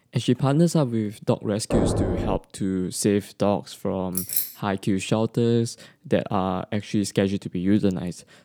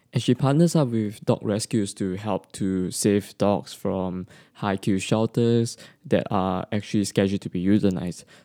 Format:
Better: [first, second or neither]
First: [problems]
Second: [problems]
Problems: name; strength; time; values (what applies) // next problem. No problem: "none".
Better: second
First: door banging; loud; at 1.5 s; peak 1 dB above the speech // jangling keys; loud; at 4 s; peak 1 dB above the speech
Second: none